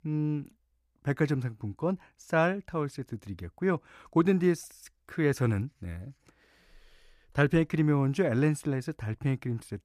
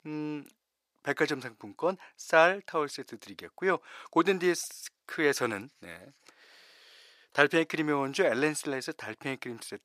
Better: first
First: none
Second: thin; very; fading below 500 Hz

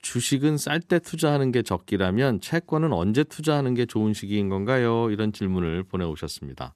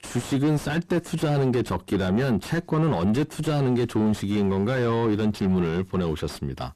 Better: first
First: none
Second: distortion; heavy; 5 dB below the speech

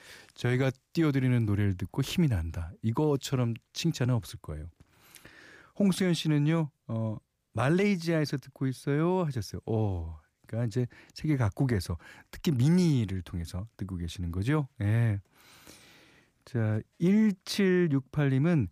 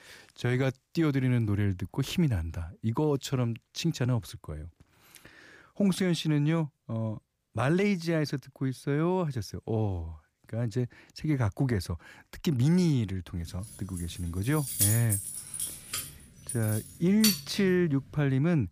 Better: first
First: none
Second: jangling keys; loud; from 14 to 18 s; peak 4 dB above the speech

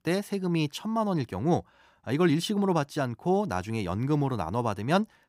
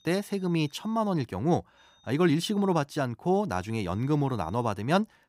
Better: first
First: none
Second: high-pitched whine; faint; until 1 s, at 2 s and from 3.5 to 4.5 s; 3.5 kHz, 35 dB below the speech

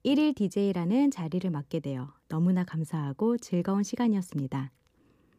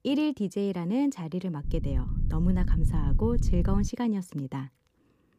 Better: first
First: none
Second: low rumble; noticeable; from 1.5 to 4 s; 10 dB below the speech

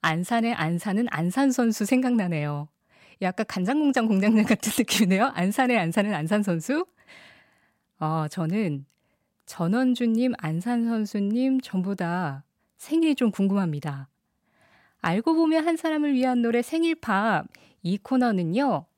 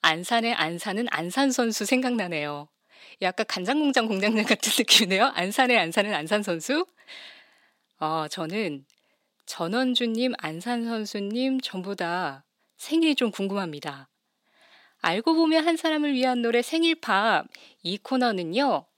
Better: first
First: none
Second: thin; very slightly; fading below 350 Hz

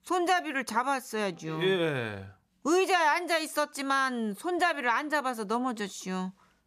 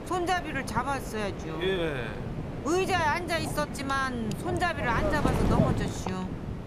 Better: first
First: none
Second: wind noise on the microphone; heavy; 7 dB below the speech

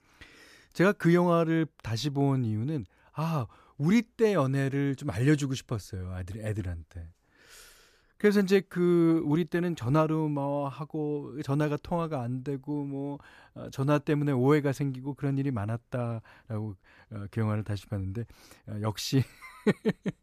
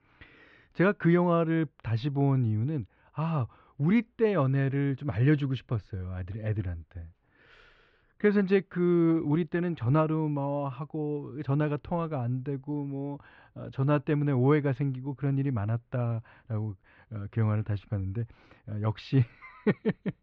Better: first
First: none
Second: muffled; slightly; fading above 3 kHz

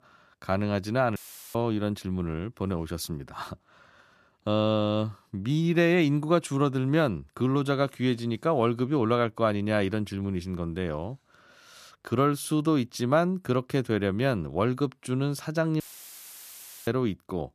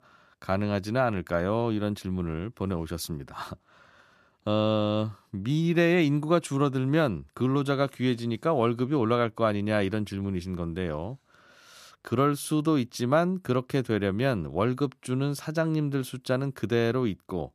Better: second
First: audio cutting out; filled with static; at 1 s and at 16 s for 1 s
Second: none

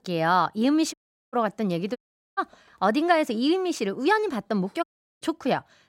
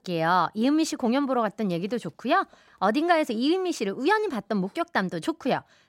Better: second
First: audio cutting out; at 1 s, at 2 s and at 5 s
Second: none

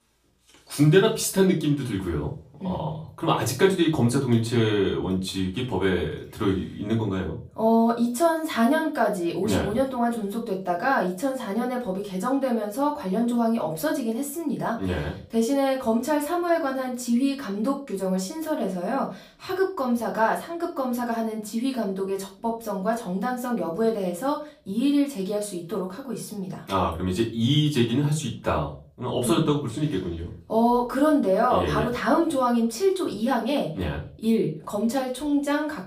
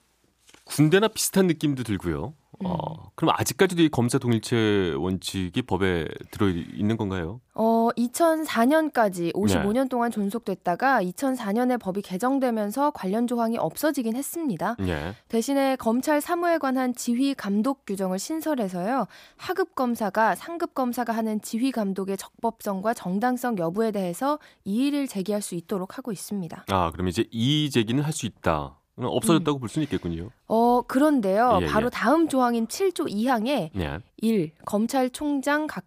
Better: second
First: off-mic speech; far // room echo; slight; dies away in 0.3 s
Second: none

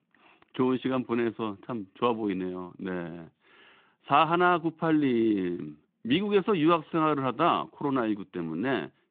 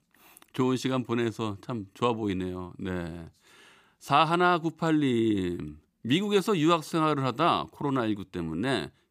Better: second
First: phone-call audio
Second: none

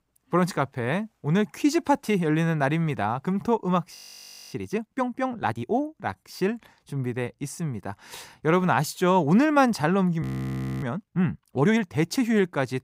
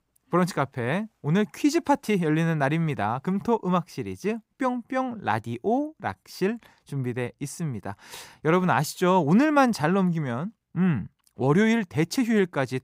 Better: second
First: audio freezing; at 4 s for 0.5 s and at 10 s for 0.5 s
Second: none

